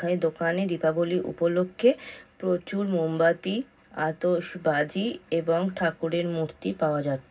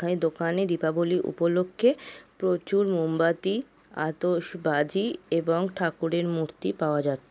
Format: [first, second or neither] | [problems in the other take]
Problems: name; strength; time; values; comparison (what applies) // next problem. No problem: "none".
second | room echo; dies away in 0.4 s